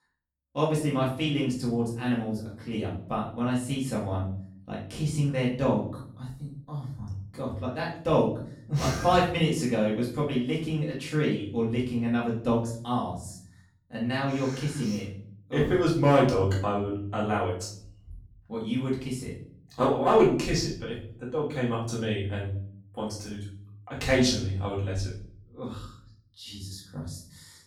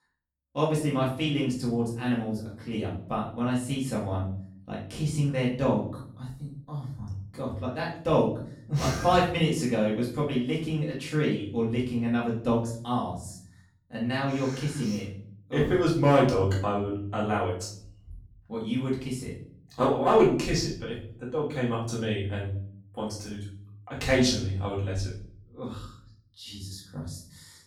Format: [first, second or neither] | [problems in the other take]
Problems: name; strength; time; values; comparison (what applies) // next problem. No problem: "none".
neither | off-mic speech; far; the same in both // room echo; noticeable; dies away in 0.5 s; the same in both